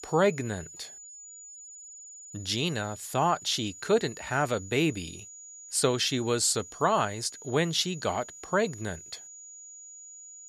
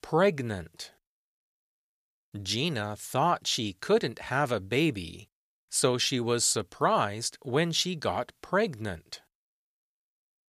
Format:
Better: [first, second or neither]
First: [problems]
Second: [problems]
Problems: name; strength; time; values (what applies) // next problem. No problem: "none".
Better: second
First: high-pitched whine; noticeable; throughout; 7 kHz, 15 dB below the speech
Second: none